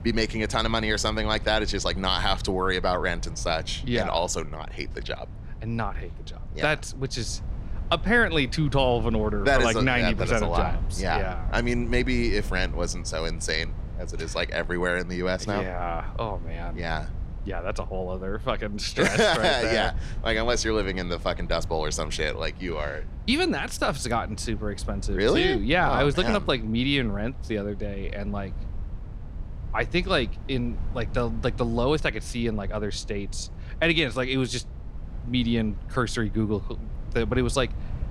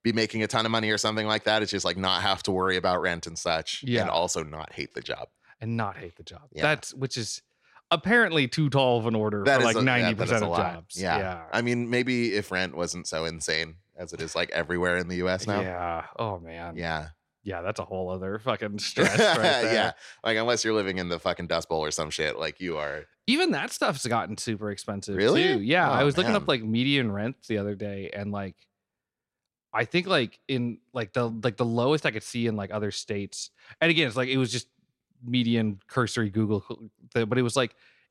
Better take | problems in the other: second | low rumble; faint; throughout; 25 dB below the speech

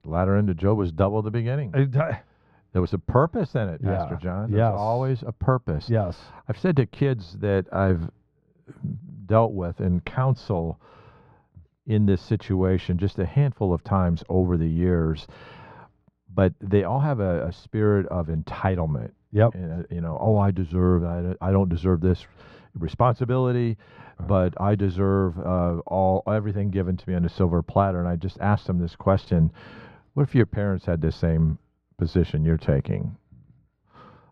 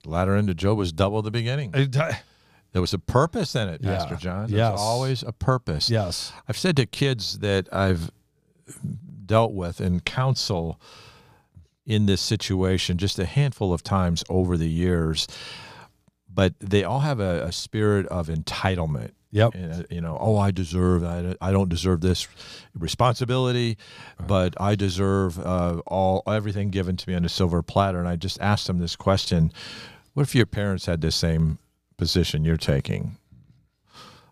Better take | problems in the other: second | muffled; very; fading above 4 kHz

